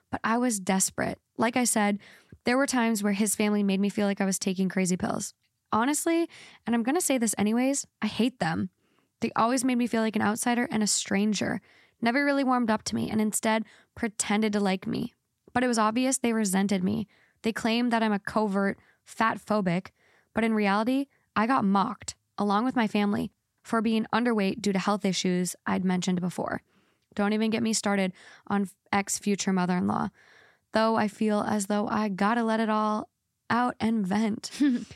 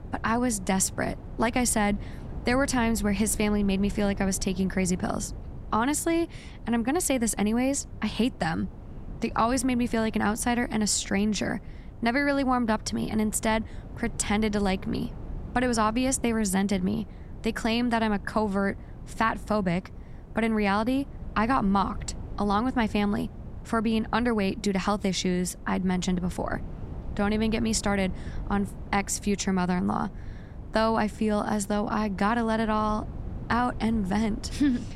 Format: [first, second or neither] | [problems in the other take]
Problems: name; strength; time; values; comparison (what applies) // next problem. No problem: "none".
first | wind noise on the microphone; occasional gusts; 20 dB below the speech